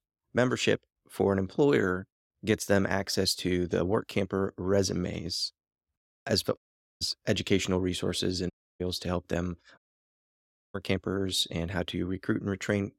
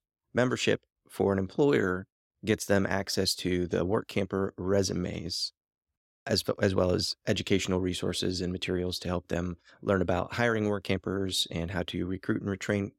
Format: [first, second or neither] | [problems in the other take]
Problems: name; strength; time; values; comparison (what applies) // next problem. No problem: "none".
second | audio cutting out; at 6.5 s, at 8.5 s and at 10 s for 1 s